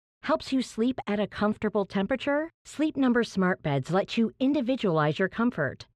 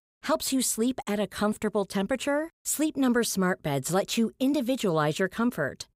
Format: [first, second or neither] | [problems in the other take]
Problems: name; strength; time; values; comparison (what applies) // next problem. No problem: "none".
second | muffled; slightly; fading above 3 kHz